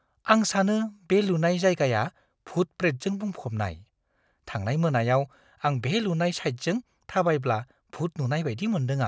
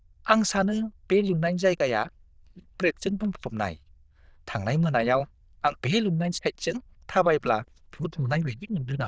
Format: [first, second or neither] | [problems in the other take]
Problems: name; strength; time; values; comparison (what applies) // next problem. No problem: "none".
first | noise reduction (neural diffusion model UNIVERSE++)